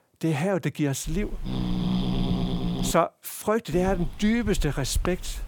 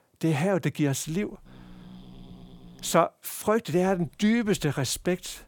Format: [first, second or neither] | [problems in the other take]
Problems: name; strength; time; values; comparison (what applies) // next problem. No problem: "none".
second | hiss; loud; from 1 to 3 s and from 3.5 s on; 4 dB below the speech; faint in the second